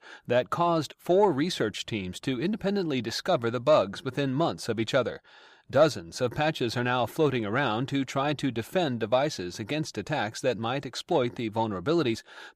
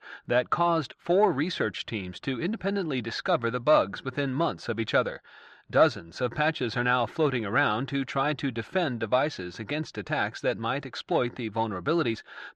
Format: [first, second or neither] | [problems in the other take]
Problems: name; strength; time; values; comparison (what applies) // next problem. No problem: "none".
first | muffled; very slightly; fading above 3.5 kHz